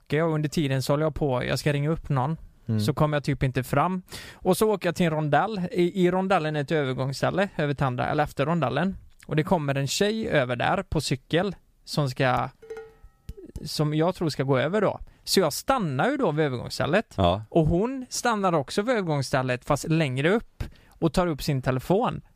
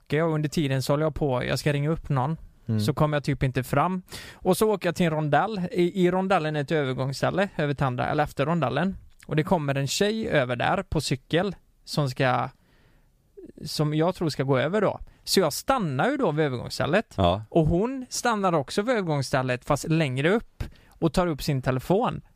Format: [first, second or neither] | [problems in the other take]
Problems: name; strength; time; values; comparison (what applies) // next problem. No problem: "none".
second | clattering dishes; faint; from 12 to 14 s; peak 15 dB below the speech